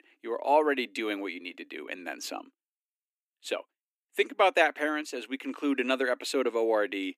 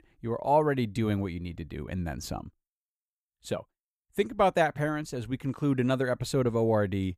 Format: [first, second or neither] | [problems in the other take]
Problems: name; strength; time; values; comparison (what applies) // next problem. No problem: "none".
second | thin; very slightly; fading below 250 Hz